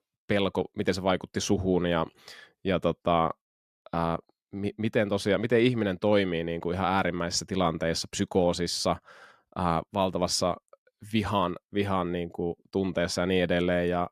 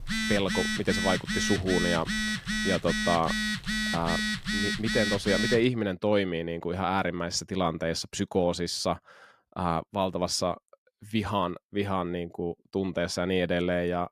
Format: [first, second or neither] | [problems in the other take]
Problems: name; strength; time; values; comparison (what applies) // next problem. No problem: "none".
first | phone ringing; loud; until 5.5 s; peak 1 dB above the speech